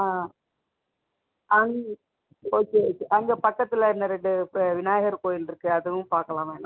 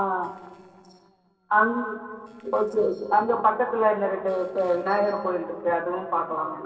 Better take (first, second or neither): first